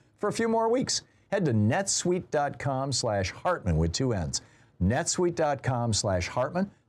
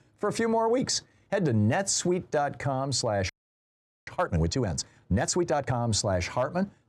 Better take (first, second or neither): first